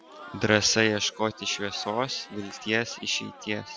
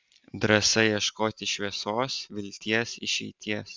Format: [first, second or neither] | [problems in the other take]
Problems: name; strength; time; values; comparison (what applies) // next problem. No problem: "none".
second | background sound (Crowd); 17 dB below the speech